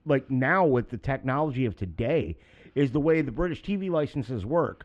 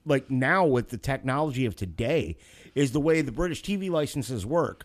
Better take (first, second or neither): second